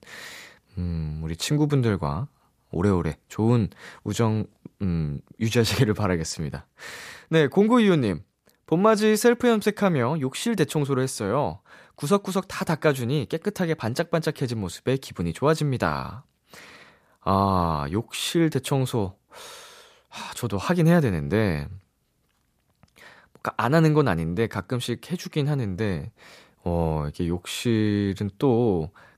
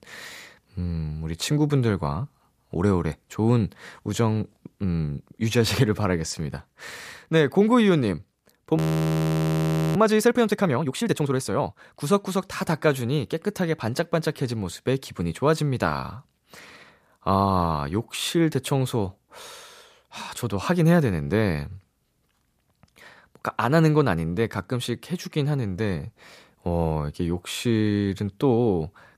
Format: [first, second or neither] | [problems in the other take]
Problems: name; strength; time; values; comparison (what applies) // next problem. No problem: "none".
first | audio freezing; at 9 s for 1 s